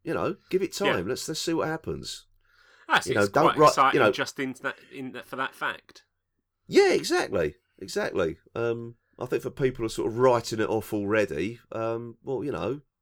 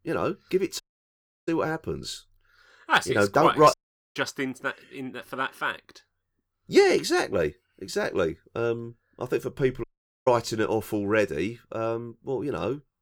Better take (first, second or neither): first